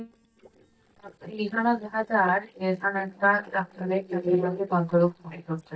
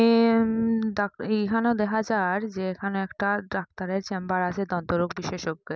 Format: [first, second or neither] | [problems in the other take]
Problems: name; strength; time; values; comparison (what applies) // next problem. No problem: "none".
second | noise reduction (neural mask model DeepFilterNet 3)